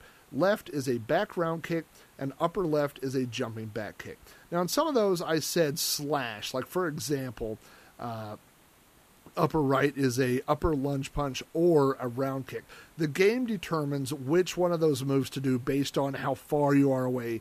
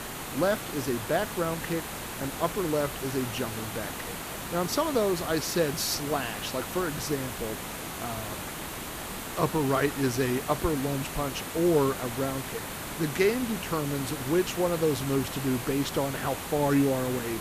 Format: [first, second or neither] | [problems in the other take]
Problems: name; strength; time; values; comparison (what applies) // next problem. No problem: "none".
first | hiss; loud; throughout; 6 dB below the speech; faint in the first